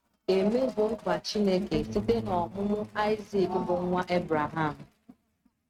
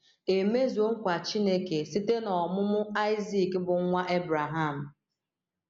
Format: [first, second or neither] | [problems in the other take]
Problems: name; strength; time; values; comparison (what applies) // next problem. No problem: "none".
second | noise reduction (neural mask model RNNoise)